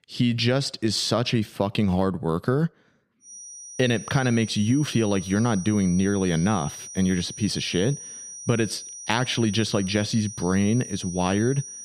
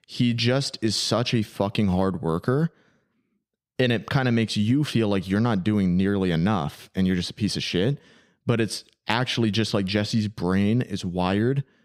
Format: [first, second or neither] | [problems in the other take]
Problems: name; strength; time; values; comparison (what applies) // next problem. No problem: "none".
second | high-pitched whine; noticeable; from 3.5 s on; 6 kHz, 10 dB below the speech